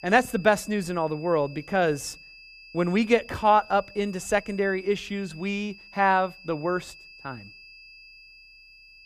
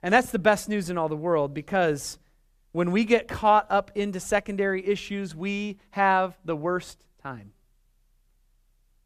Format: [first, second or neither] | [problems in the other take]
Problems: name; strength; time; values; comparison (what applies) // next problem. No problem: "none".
second | high-pitched whine; faint; throughout; 2.5 kHz, 20 dB below the speech